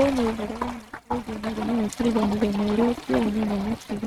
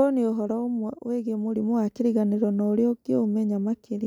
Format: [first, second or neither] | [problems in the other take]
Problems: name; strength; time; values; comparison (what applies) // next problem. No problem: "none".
second | noise reduction (neural mask model RNNoise)